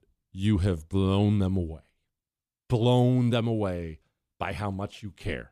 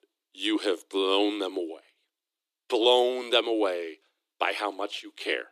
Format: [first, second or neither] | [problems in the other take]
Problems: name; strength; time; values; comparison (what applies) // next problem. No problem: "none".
first | thin; very; fading below 300 Hz